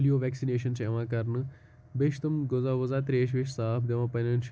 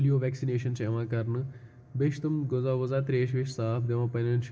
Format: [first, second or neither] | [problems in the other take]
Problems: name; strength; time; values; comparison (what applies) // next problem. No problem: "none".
first | room echo; dies away in 2.3 s